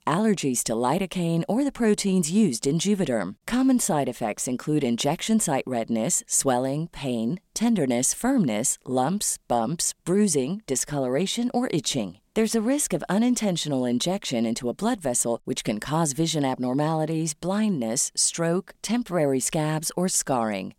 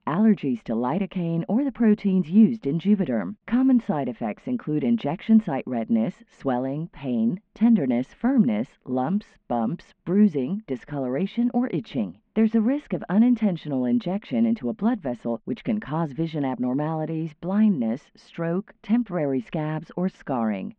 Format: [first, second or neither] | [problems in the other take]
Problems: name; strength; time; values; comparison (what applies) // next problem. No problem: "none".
first | muffled; very; fading above 2.5 kHz